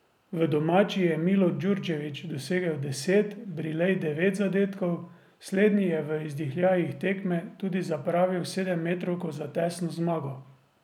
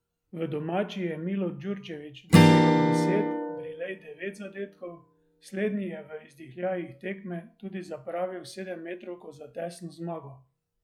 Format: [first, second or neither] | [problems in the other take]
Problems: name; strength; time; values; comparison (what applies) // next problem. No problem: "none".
first | noise reduction (classical method log-MMSE)